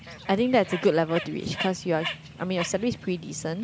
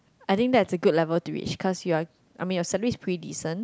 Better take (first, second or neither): second